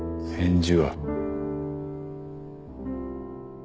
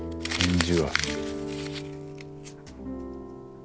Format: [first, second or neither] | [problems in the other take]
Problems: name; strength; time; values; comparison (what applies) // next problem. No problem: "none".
first | background sound (Crumpling, crinkling); 5 dB below the speech